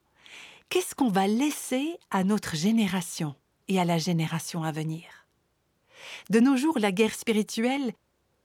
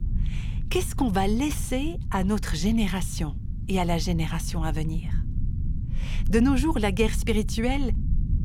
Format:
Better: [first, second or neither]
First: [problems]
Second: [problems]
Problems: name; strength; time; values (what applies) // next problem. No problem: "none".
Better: first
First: none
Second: low rumble; noticeable; throughout; 15 dB below the speech